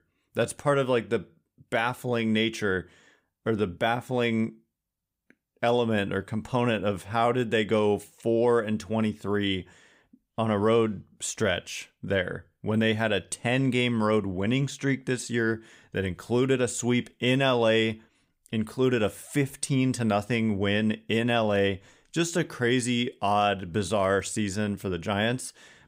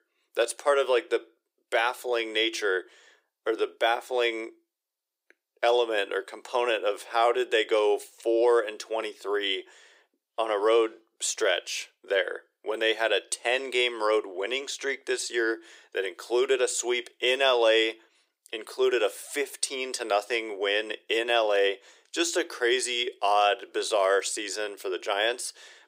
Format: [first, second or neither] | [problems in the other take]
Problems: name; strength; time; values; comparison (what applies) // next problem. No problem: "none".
first | thin; very; fading below 350 Hz